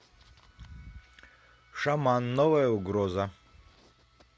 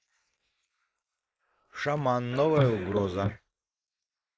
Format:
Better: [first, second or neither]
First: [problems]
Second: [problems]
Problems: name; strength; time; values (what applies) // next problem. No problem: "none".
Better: first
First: none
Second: noise reduction (neural mask model Resemble Enhance denoiser)